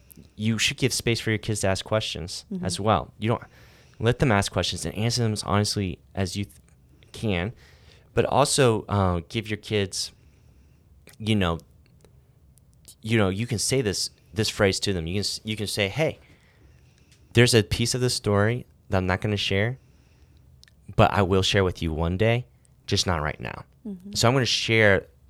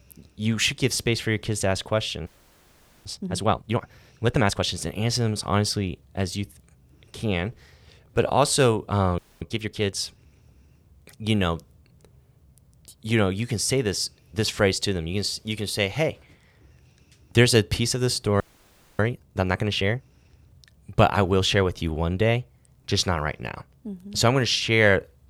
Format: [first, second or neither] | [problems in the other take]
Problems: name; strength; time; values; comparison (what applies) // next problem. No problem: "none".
first | audio freezing; at 2.5 s for 1 s, at 9 s and at 18 s for 0.5 s